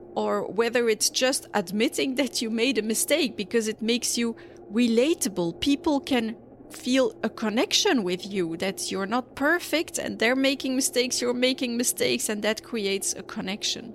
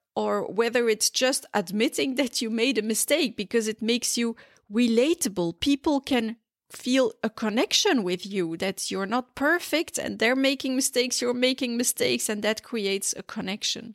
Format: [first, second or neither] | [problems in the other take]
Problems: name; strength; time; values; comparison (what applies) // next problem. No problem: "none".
second | low rumble; faint; throughout; 25 dB below the speech